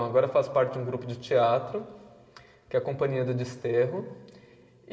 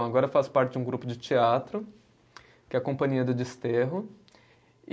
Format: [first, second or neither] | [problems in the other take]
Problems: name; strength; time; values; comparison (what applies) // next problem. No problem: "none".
second | room echo; dies away in 2.7 s